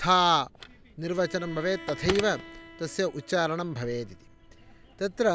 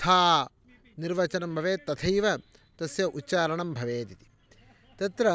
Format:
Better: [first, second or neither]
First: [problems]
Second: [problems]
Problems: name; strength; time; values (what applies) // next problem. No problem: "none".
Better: second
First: background sound (Bowed string instrument + Telephone); 14 dB below the speech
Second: none